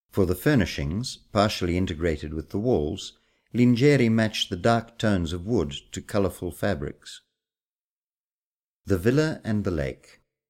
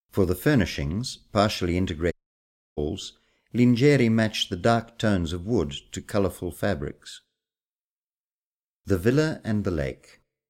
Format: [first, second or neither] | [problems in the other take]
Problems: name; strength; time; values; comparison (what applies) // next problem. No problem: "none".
first | audio cutting out; at 2 s for 0.5 s